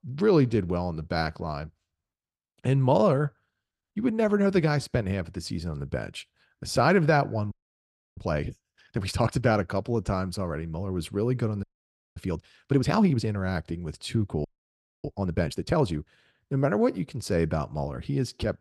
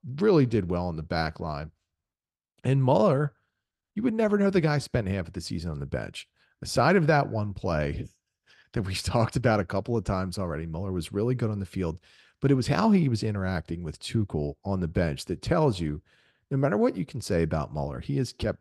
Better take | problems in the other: second | audio freezing; at 7.5 s for 0.5 s, at 12 s for 0.5 s and at 14 s for 0.5 s

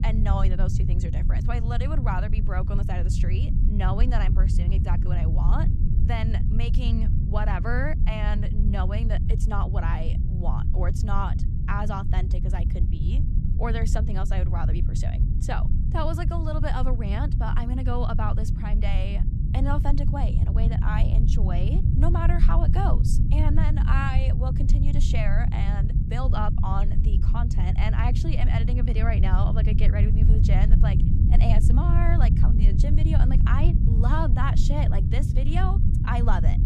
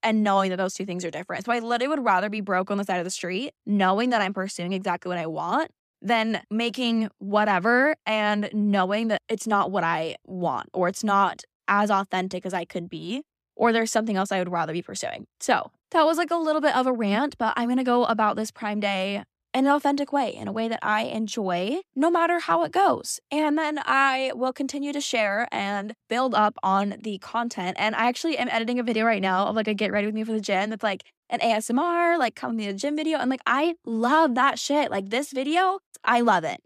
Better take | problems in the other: second | low rumble; loud; throughout; 5 dB below the speech

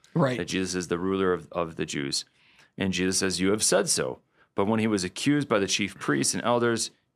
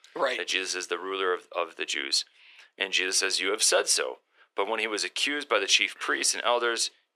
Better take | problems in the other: first | thin; very; fading below 400 Hz

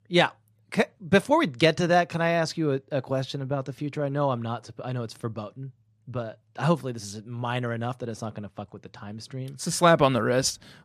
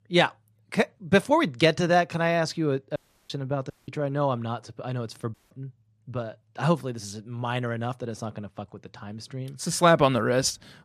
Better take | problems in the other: first | audio cutting out; at 3 s, at 3.5 s and at 5.5 s

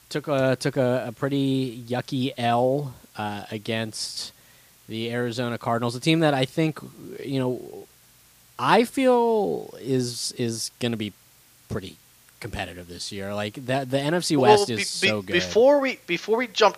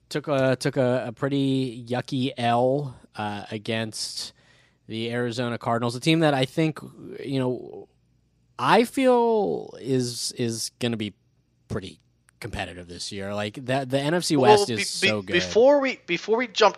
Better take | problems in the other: second | hiss; faint; throughout; 30 dB below the speech

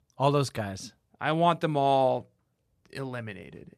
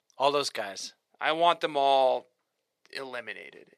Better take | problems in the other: first | thin; somewhat; fading below 500 Hz

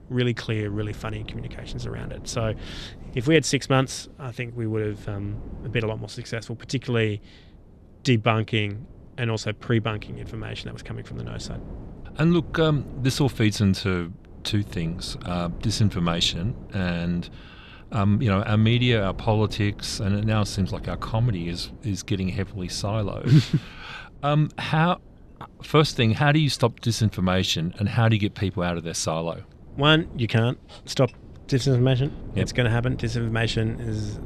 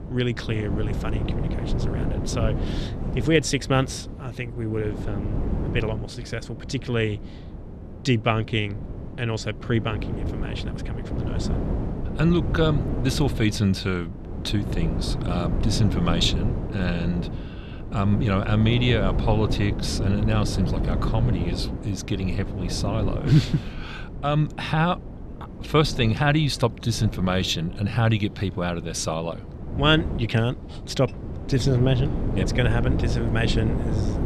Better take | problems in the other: first | wind noise on the microphone; heavy; 10 dB below the speech; occasional gusts in the first

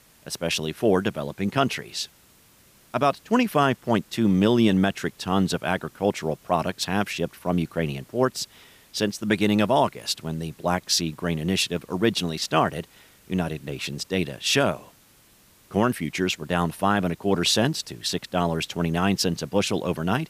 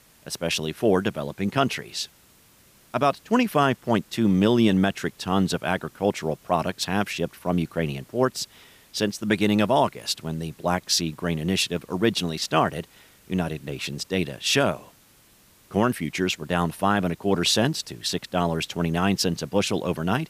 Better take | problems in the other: neither | hiss; faint; throughout; 30 dB below the speech; the same in both

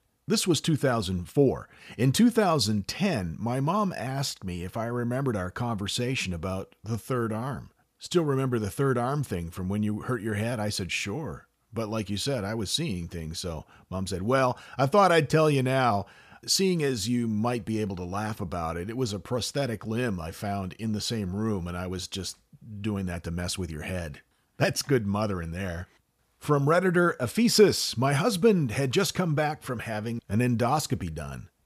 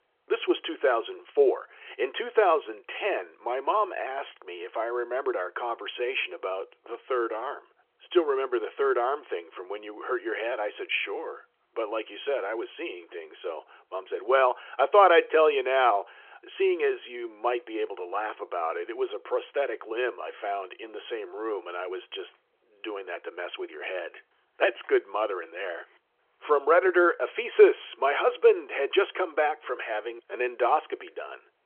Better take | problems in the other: first | phone-call audio; nothing above 3.5 kHz

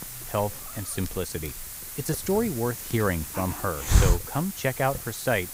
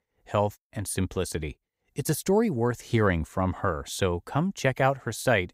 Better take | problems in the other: second | hiss; loud; throughout; 2 dB below the speech

